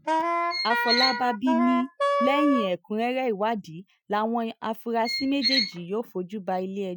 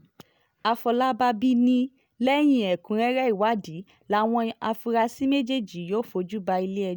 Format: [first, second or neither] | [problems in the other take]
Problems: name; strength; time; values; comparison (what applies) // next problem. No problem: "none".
second | noise reduction (classical method Wiener filter)